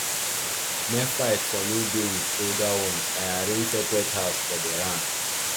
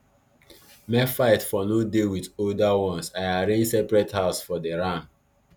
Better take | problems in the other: second | background sound (Water); 2 dB above the speech

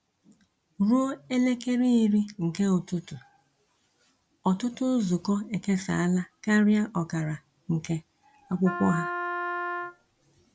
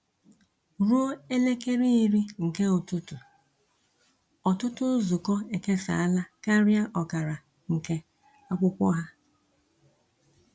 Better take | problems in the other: second | background sound (Wind instrument, woodwind instrument); 5 dB below the speech

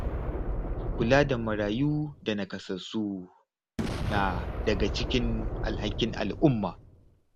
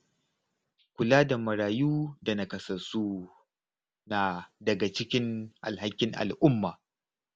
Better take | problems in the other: second | background sound (Boom); 4 dB below the speech

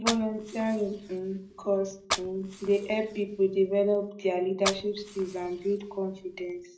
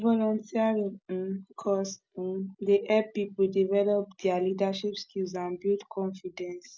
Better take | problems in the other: second | background sound (Fire); 10 dB below the speech // room echo; dies away in 0.5 s

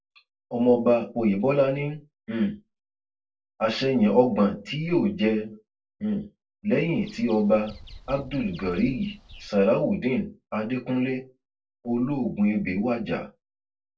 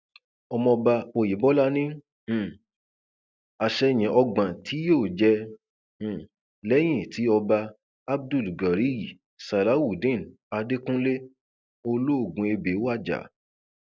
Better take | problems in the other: second | noise reduction (neural separator model SepFormer DNS4)

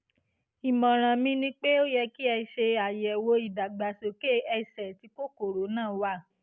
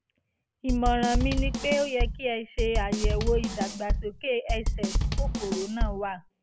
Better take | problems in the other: first | background sound (Drum / Drum kit); 2 dB above the speech

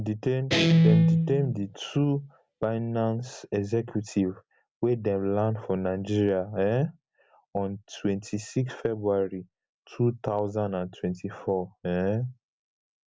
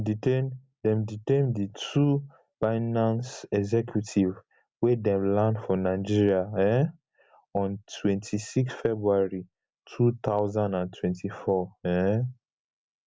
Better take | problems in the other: second | background sound (Guitar); 3 dB above the speech

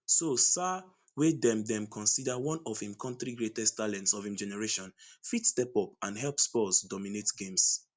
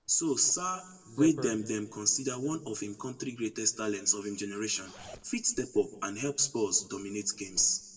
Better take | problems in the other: first | noise reduction (neural separator model SepFormer DNS4)

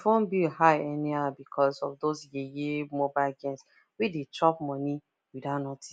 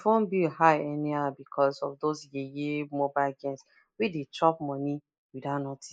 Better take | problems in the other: first | noise reduction (neural mask model Resemble Enhance denoiser)

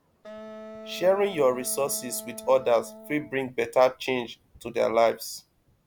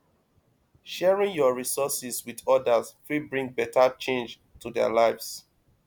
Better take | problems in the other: second | background sound (Wind instrument, woodwind instrument); 16 dB below the speech

